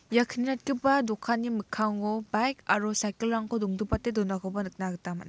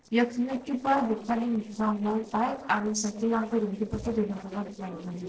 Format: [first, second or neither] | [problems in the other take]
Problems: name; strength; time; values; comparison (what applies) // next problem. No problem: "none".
first | noise reduction (neural separator model SepFormer DNS4)